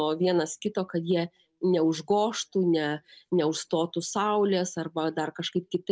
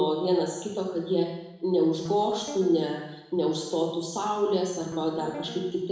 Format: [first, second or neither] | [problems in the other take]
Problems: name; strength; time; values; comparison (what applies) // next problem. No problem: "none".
first | noise reduction (neural separator model SepFormer DNS4)